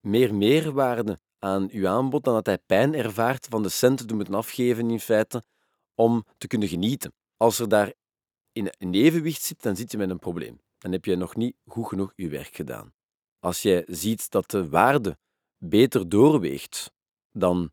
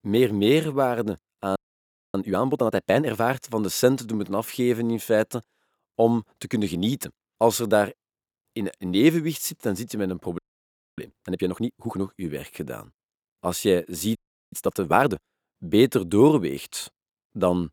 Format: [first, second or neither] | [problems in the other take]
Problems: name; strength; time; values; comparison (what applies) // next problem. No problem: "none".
first | audio freezing; at 1.5 s for 0.5 s, at 10 s for 0.5 s and at 14 s